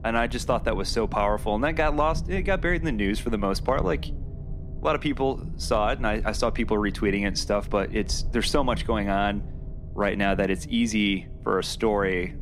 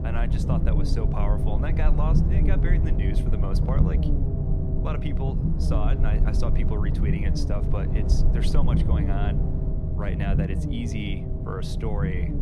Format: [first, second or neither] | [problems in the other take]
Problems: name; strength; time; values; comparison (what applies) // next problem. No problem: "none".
first | low rumble; loud; throughout; 1 dB below the speech; faint in the first